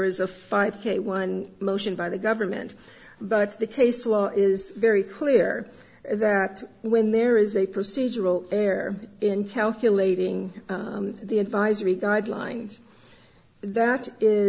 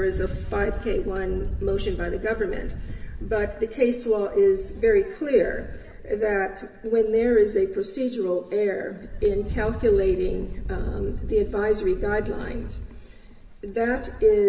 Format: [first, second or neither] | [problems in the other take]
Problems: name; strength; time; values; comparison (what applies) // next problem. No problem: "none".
first | background sound (Wind); 8 dB below the speech // room echo; dies away in 1.7 s